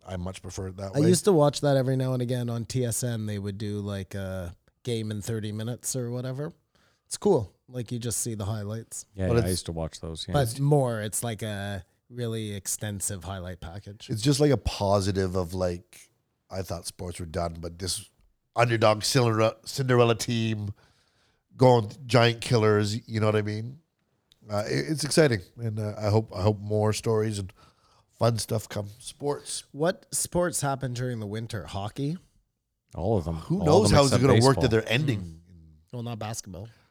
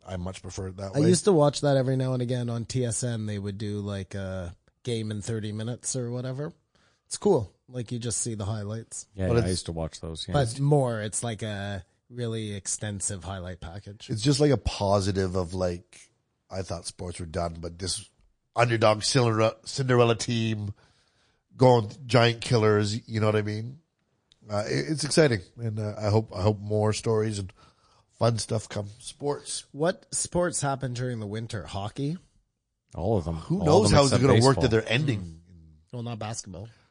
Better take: first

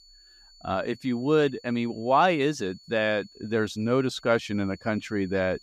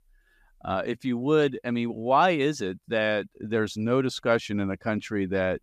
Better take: second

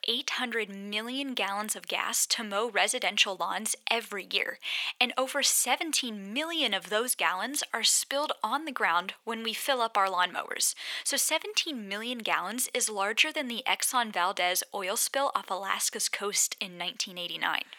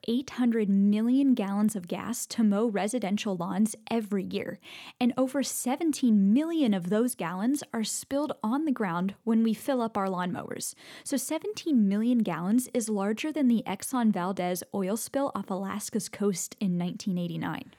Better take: second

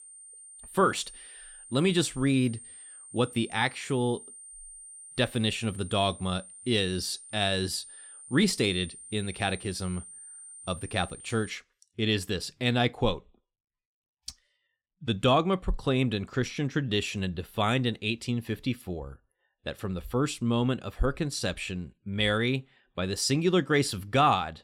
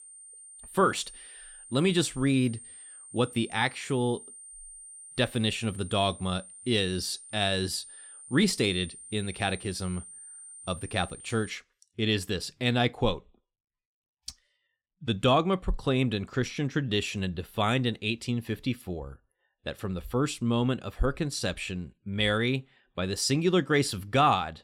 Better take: neither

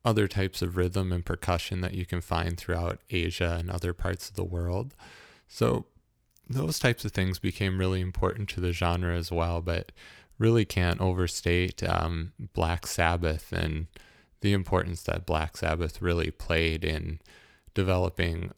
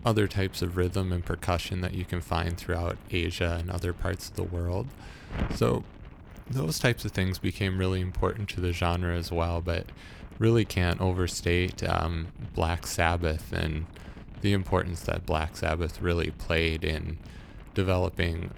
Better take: first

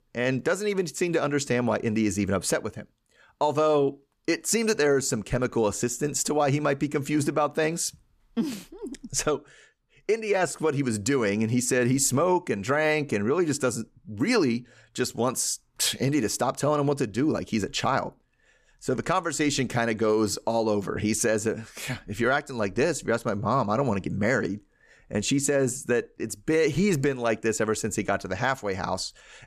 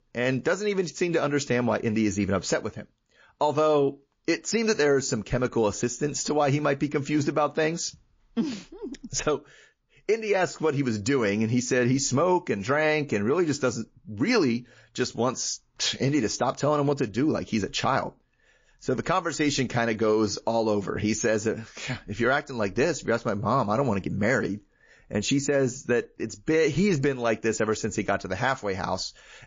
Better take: first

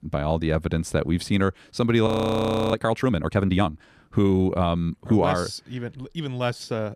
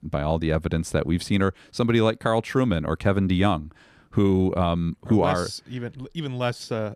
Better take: second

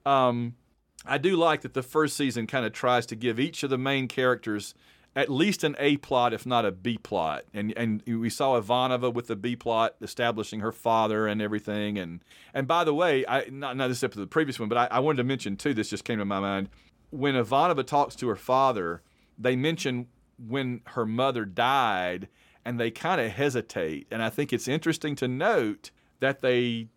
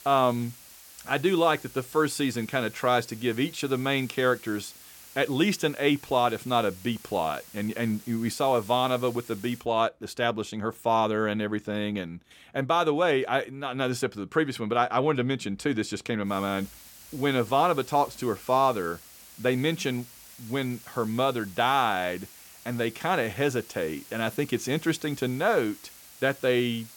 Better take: first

